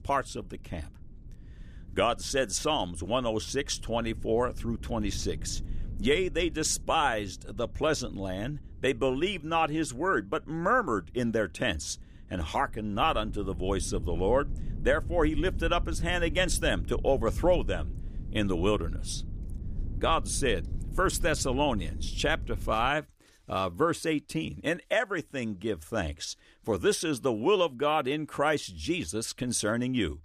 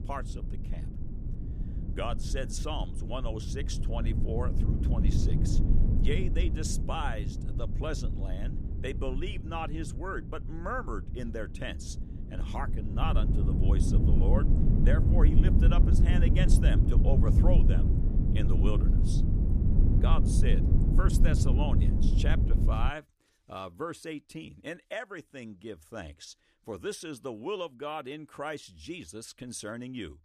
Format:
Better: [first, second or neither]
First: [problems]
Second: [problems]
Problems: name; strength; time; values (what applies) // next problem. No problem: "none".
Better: first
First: low rumble; faint; until 23 s; 25 dB below the speech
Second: low rumble; loud; until 23 s; 3 dB below the speech